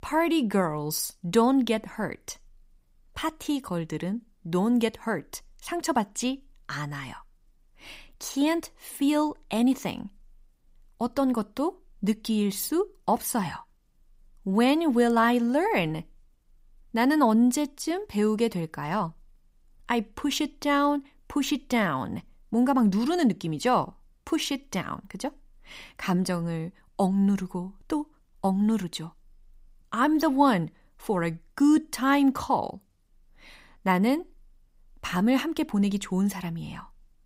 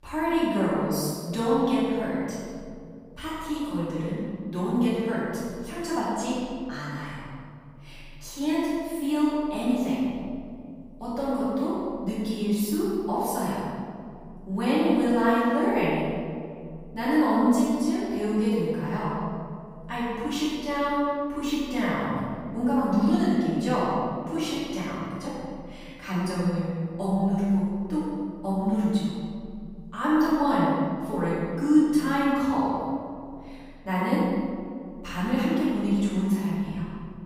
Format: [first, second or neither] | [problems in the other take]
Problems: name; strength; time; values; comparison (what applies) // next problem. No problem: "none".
first | room echo; strong; dies away in 2.6 s // off-mic speech; far